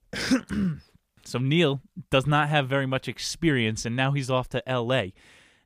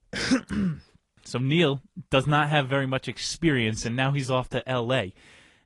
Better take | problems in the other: first | garbled, watery; slightly; nothing above 10 kHz

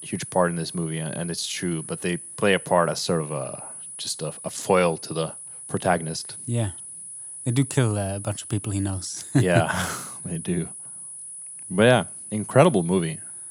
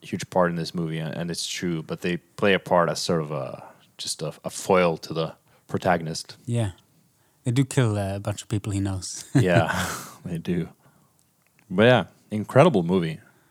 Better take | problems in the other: second | high-pitched whine; noticeable; throughout; 10 kHz, 10 dB below the speech

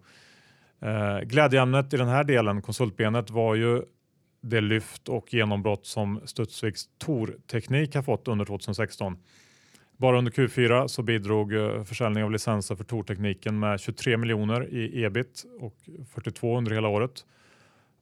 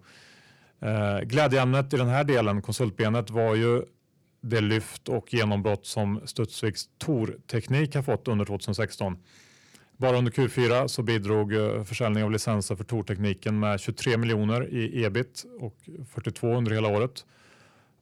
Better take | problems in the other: first | distortion; slight; 10 dB below the speech

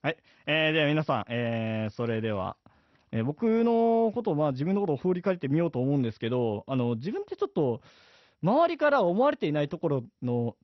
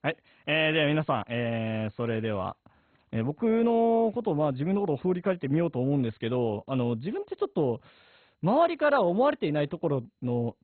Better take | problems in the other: first | garbled, watery; badly; nothing above 3.5 kHz; slightly in the first

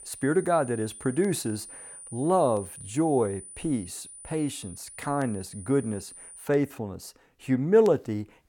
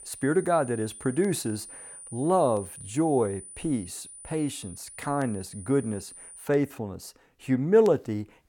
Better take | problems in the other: neither | high-pitched whine; noticeable; until 6.5 s; 9.5 kHz, 15 dB below the speech; the same in both

